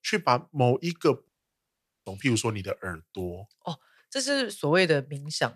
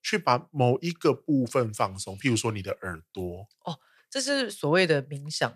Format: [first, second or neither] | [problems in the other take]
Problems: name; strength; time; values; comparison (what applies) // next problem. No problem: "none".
second | audio cutting out; at 1.5 s for 1 s